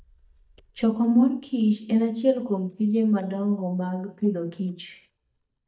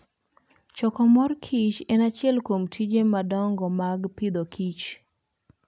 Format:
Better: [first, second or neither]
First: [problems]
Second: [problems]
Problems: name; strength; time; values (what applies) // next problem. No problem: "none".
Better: second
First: noise reduction (neural mask model DeepFilterNet 3)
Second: none